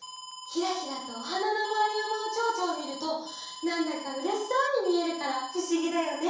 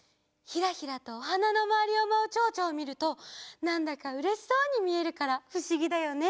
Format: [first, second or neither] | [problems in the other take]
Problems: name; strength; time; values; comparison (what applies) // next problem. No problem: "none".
second | background sound (Alarm); 13 dB below the speech // room echo; dies away in 0.7 s